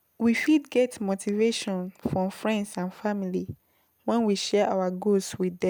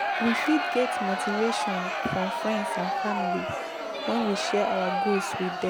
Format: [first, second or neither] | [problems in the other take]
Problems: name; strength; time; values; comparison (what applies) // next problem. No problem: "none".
first | background sound (Crowd); as loud as the speech